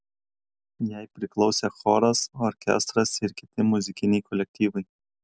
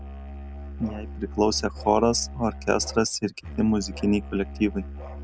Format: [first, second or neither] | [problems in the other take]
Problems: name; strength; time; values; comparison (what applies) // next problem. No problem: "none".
first | background sound (Musical instrument); 11 dB below the speech